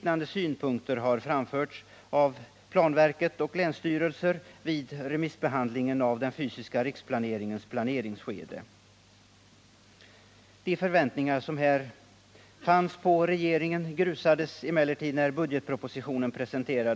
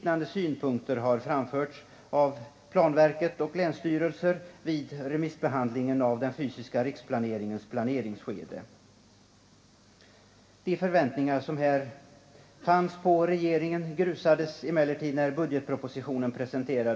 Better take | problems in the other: first | room echo; dies away in 2.3 s

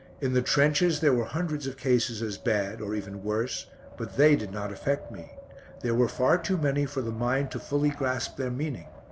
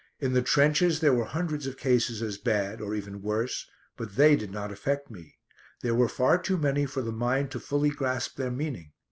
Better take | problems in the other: second | background sound (Wind); 17 dB below the speech

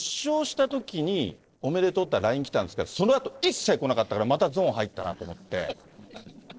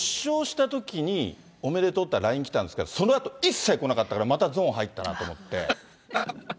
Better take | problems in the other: second | noise reduction (neural separator model SepFormer DNS4)

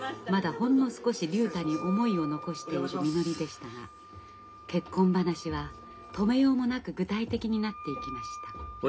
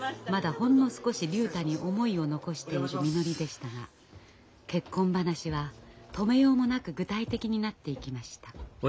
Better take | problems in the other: second | background sound (Wind instrument, woodwind instrument); 16 dB below the speech // room echo; dies away in 0.3 s

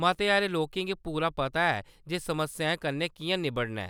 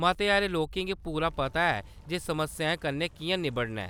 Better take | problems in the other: first | background sound (Wind); 19 dB below the speech

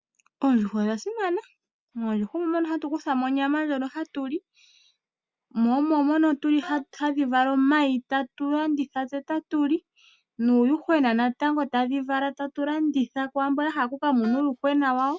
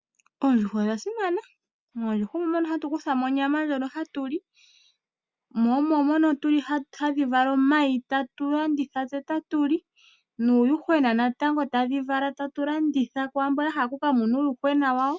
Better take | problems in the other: second | background sound (Wind instrument, woodwind instrument); 19 dB below the speech

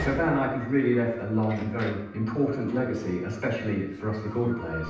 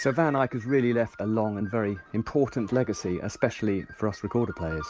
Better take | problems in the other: second | background sound (Door); 16 dB below the speech // room echo; dies away in 0.9 s

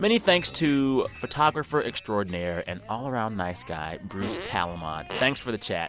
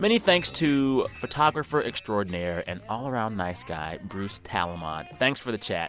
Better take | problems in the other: second | background sound (Fart); 10 dB below the speech

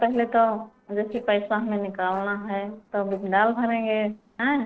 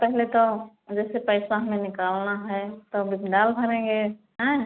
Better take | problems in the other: second | noise reduction (neural separator model SepFormer DNS4)

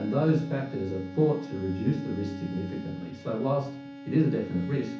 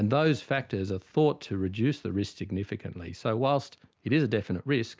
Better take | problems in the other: second | background sound (Bowed string instrument); 11 dB below the speech // room echo; dies away in 0.6 s

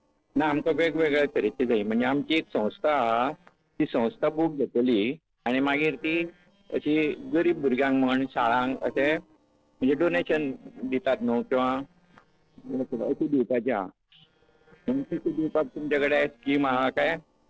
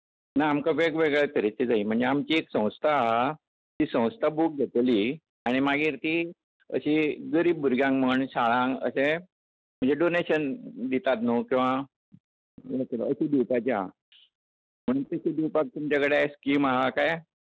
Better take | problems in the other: second | noise reduction (neural separator model SepFormer DNS4)

